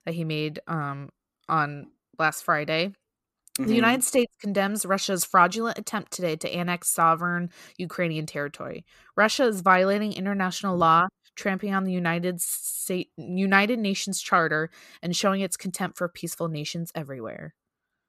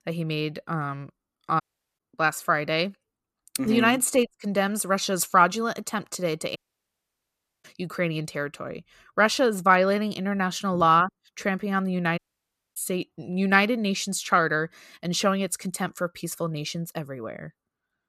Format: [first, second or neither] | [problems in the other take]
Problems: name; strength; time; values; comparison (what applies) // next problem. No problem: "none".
first | audio cutting out; at 1.5 s, at 6.5 s for 1 s and at 12 s for 0.5 s